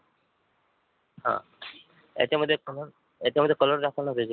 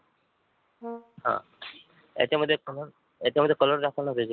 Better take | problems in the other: first | background sound (Brass instrument); 16 dB below the speech

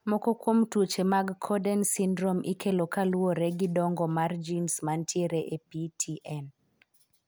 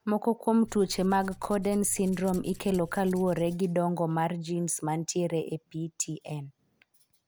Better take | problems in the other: first | background sound (Tools); 19 dB below the speech

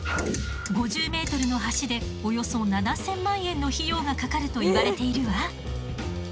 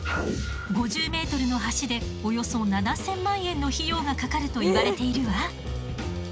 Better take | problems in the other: second | background sound (Ratchet, pawl); 14 dB below the speech

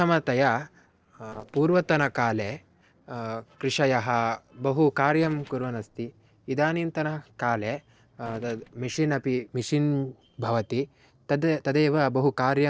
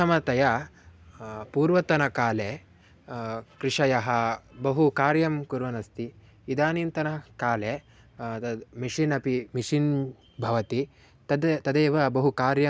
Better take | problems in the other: second | noise reduction (neural separator model SepFormer DNS4)

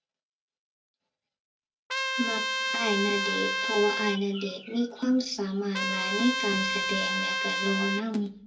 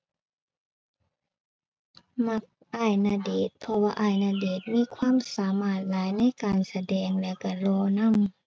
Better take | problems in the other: second | background sound (Trumpet); as loud as the speech // room echo; dies away in 0.2 s

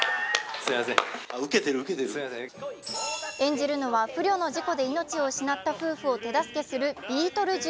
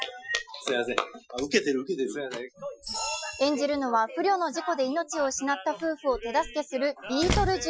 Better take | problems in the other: first | noise reduction (classical method Wiener filter)

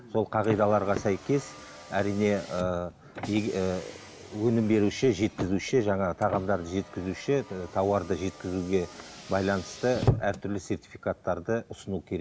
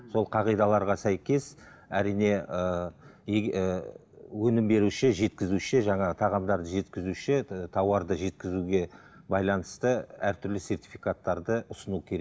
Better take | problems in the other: second | background sound (Car); 11 dB below the speech

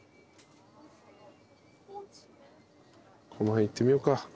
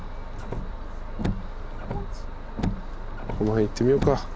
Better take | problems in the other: first | background sound (Car); 1 dB below the speech

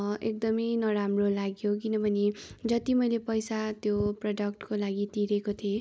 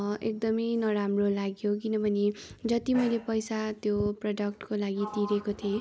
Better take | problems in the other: first | background sound (Sliding door); 19 dB below the speech

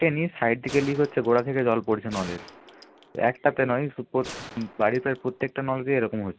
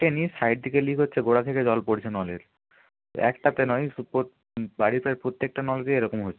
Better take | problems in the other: second | background sound (Gunshot, gunfire); 17 dB below the speech

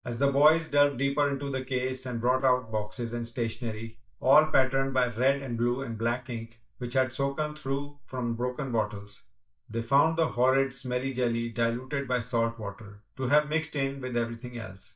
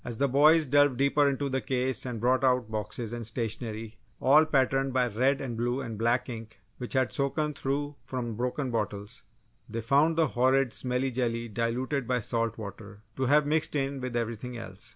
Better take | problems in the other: second | noise reduction (neural mask model DeepFilterNet 3)

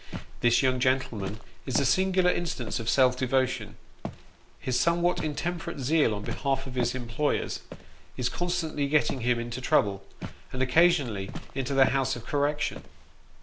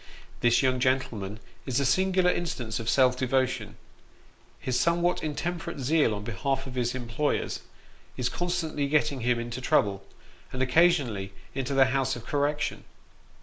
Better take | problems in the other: second | background sound (Walk, footsteps); 16 dB below the speech

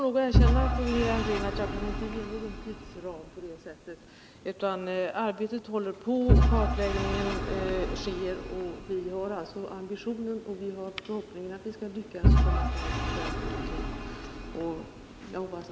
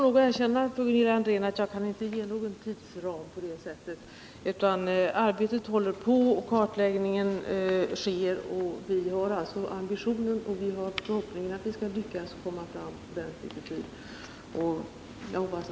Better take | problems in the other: second | background sound (Engine / Vehicle); 3 dB above the speech

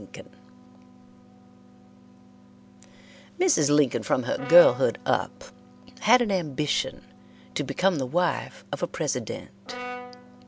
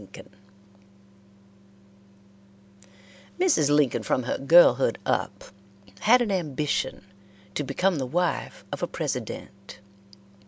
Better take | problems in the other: second | background sound (Brass instrument); 18 dB below the speech

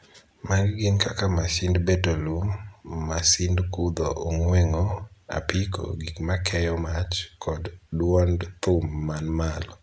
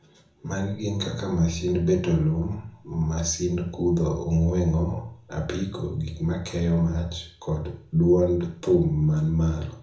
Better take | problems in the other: first | room echo; dies away in 0.6 s

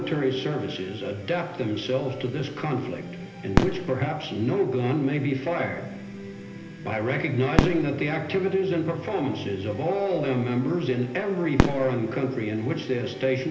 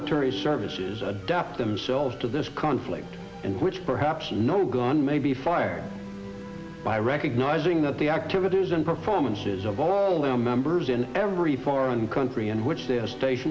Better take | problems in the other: second | background sound (Fireworks); 6 dB below the speech // room echo; dies away in 1.4 s

